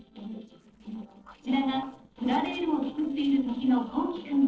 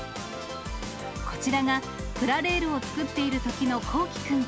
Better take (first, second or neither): second